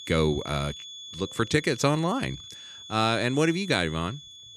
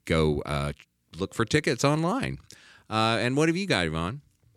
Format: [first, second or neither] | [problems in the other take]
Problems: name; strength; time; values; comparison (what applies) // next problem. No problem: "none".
second | high-pitched whine; noticeable; throughout; 3.5 kHz, 15 dB below the speech